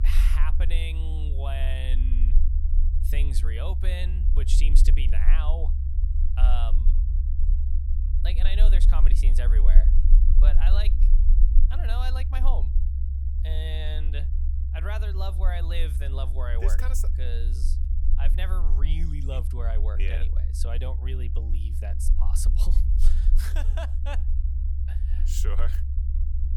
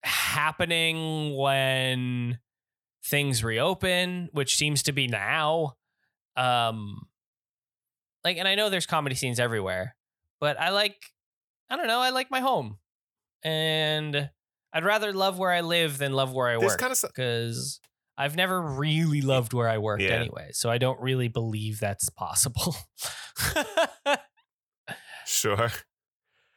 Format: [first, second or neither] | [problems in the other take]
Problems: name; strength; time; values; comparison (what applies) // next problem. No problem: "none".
second | low rumble; loud; throughout; 8 dB below the speech